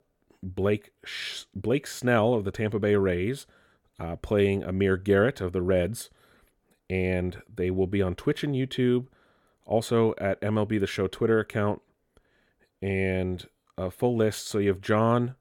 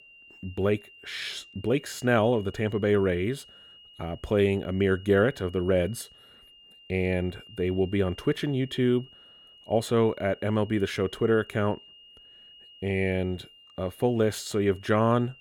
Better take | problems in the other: first | high-pitched whine; faint; throughout; 3 kHz, 25 dB below the speech

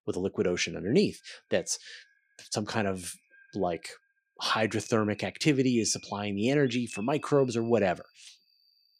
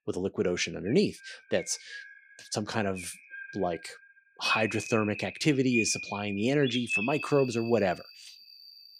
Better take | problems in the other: first | animal sounds; loud; throughout; 6 dB below the speech; faint in the first

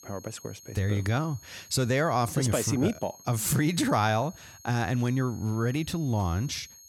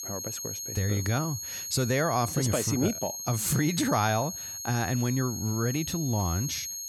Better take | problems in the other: first | high-pitched whine; loud; throughout; 6.5 kHz, 6 dB below the speech; faint in the first

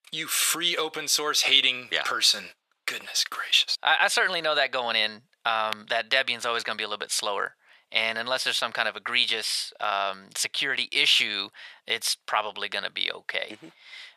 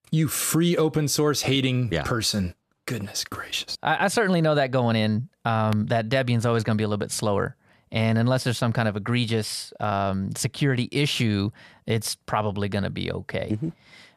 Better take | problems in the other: second | thin; very; fading below 700 Hz

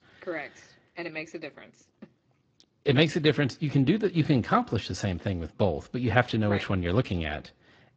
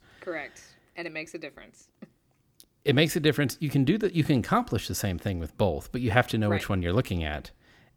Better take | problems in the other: second | garbled, watery; slightly; nothing above 7.5 kHz

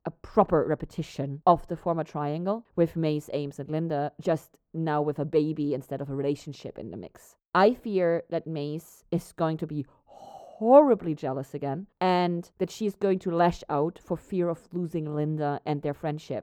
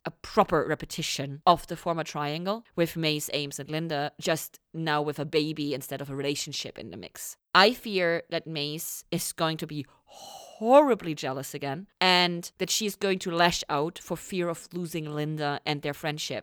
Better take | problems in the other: second | muffled; very; fading above 1.5 kHz

